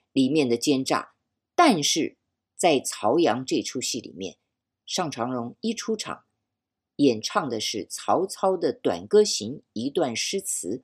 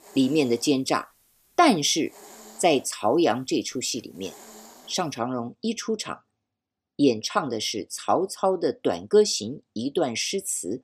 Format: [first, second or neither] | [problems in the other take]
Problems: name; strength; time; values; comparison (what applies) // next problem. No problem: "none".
first | hiss; faint; until 5 s; 25 dB below the speech